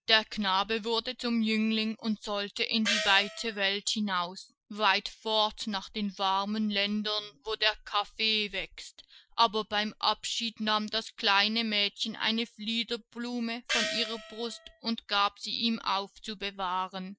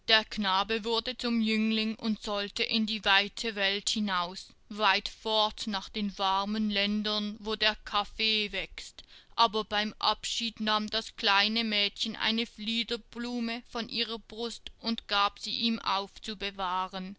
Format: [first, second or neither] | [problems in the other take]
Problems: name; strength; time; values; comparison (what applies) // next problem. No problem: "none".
second | noise reduction (classical method Wiener filter)